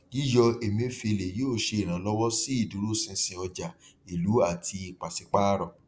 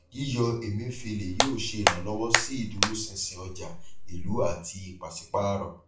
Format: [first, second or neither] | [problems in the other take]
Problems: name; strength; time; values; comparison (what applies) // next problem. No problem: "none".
first | background sound (Hands); 2 dB above the speech // room echo; dies away in 0.3 s